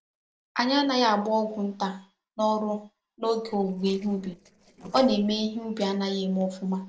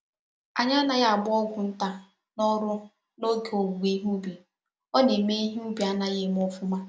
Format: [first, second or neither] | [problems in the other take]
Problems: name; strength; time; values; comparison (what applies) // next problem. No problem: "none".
second | noise reduction (neural separator model SepFormer DNS4)